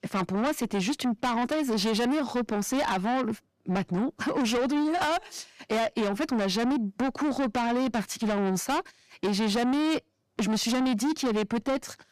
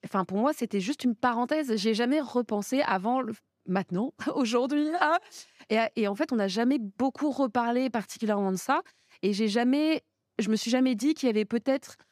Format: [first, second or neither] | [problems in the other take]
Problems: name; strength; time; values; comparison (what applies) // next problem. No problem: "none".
second | distortion; heavy; 7 dB below the speech